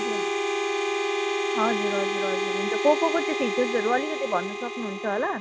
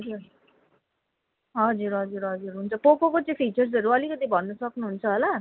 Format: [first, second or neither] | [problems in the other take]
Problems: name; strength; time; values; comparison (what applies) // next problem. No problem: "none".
second | background sound (Harmonica); 1 dB above the speech